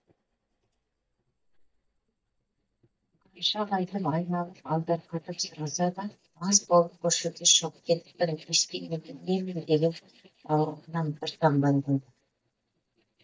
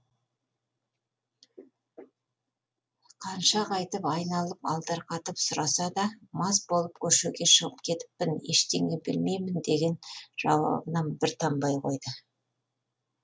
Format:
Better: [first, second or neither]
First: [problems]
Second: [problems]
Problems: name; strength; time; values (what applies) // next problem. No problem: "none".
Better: second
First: noise reduction (neural mask model DeepFilterNet 3)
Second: none